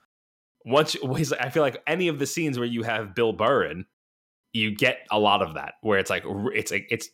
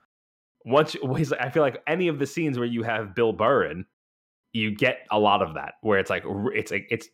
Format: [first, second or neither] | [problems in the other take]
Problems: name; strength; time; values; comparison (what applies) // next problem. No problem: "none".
first | muffled; slightly; fading above 3 kHz